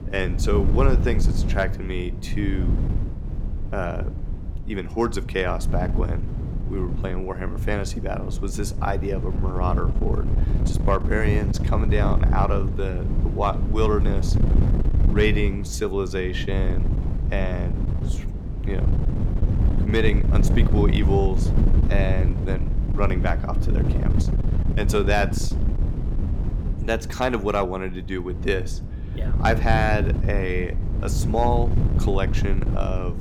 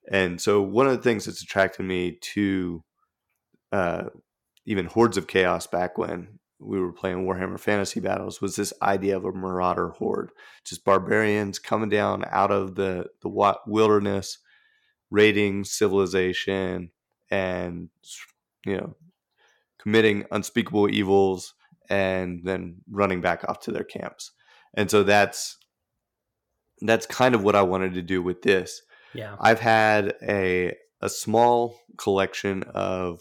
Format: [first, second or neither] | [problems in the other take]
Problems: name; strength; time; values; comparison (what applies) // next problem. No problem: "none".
second | wind noise on the microphone; heavy; 9 dB below the speech